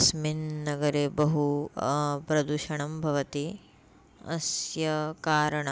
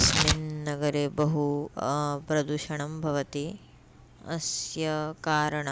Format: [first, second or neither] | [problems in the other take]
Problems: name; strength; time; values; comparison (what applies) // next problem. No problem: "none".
first | background sound (Tearing); 7 dB below the speech